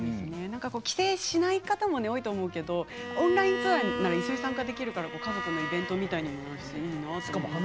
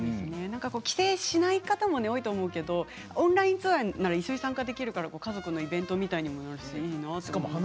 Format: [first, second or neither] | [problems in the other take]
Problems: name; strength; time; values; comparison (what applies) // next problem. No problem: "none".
second | background sound (Bowed string instrument); 8 dB below the speech